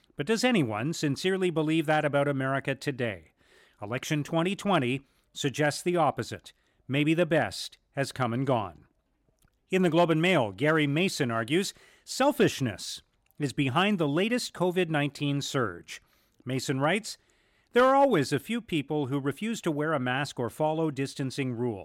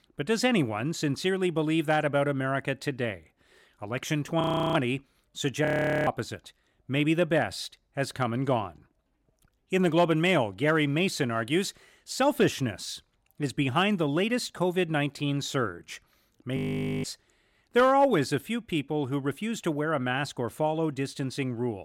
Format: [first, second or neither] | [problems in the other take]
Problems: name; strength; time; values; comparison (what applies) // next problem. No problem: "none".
first | audio freezing; at 4.5 s, at 5.5 s and at 17 s